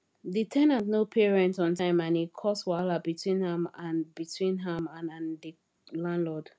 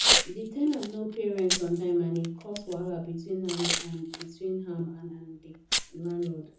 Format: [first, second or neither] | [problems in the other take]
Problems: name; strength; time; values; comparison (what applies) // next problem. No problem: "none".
first | background sound (Packing tape, duct tape / Tearing); as loud as the speech // room echo; dies away in 0.5 s